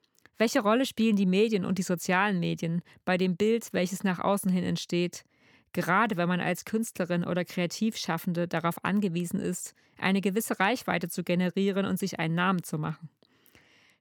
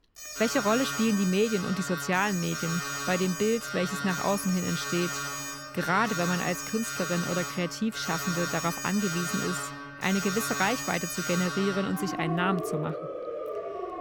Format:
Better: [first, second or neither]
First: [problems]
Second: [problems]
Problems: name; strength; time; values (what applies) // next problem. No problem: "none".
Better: first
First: none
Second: alarms or sirens; loud; throughout; 4 dB below the speech